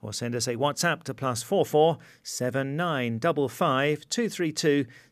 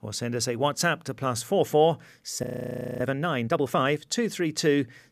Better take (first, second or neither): first